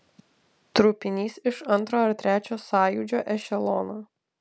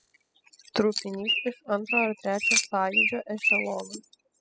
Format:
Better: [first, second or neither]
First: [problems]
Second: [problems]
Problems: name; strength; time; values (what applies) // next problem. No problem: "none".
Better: first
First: none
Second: noise reduction (classical method spectral subtraction)